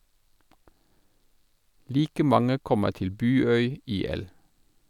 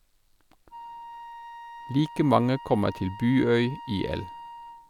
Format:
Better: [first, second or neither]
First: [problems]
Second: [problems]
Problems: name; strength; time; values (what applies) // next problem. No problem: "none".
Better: first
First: none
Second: background sound (Wind instrument, woodwind instrument); 15 dB below the speech